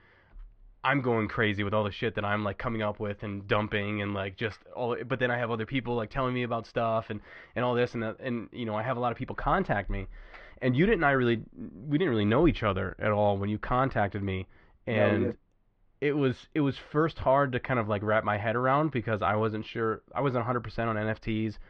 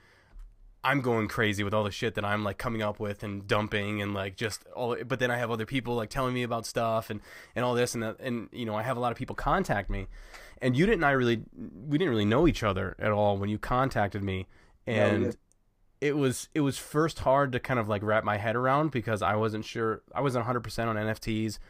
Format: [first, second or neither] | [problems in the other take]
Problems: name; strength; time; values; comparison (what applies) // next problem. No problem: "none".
second | muffled; slightly; fading above 3.5 kHz